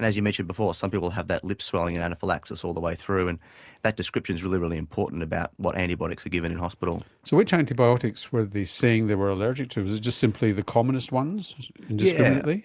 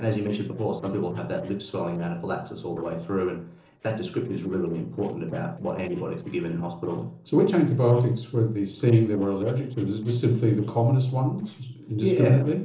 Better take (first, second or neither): first